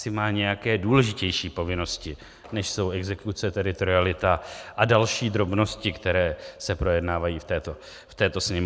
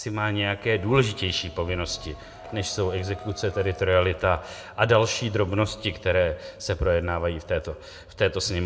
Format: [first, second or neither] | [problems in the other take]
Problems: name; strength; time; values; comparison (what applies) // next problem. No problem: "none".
first | background sound (Crowd); 19 dB below the speech // room echo; dies away in 1.8 s